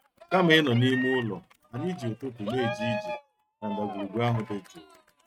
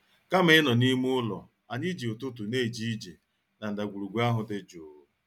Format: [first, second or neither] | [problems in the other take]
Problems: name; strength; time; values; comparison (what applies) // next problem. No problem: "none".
second | noise reduction (neural mask model RNNoise)